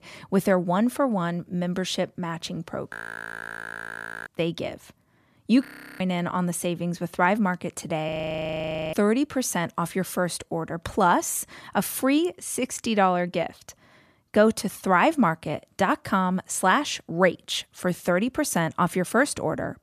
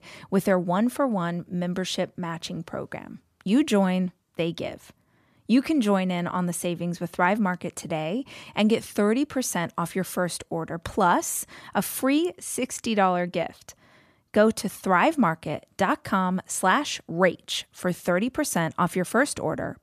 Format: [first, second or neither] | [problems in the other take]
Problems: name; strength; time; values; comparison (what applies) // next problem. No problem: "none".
second | audio freezing; at 3 s for 1.5 s, at 5.5 s and at 8 s for 1 s